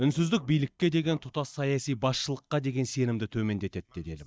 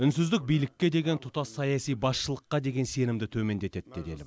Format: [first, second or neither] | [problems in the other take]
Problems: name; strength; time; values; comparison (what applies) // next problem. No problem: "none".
second | noise reduction (neural mask model DeepFilterNet 3)